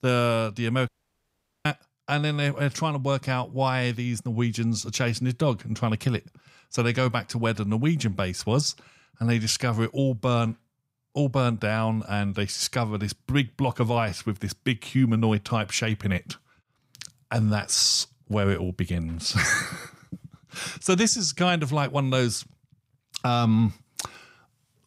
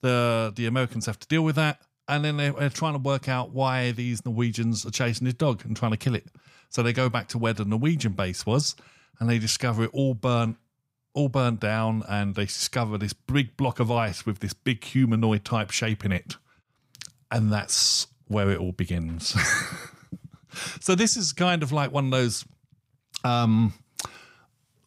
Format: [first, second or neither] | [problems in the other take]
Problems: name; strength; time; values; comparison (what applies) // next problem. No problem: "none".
second | audio cutting out; at 1 s for 1 s